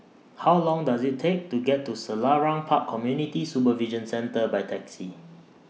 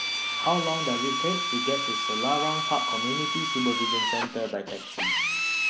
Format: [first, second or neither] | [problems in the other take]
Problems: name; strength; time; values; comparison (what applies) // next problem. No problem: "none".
first | background sound (Drill); 3 dB above the speech